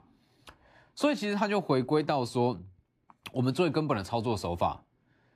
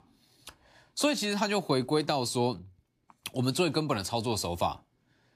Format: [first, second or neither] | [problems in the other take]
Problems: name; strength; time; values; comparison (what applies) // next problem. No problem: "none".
second | muffled; slightly; fading above 3.5 kHz